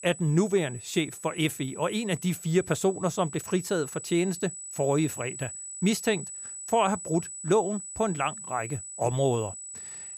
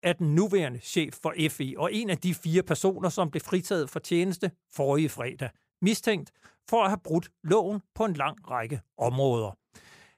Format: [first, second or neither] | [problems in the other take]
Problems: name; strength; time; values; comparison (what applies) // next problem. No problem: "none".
second | high-pitched whine; loud; throughout; 8 kHz, 10 dB below the speech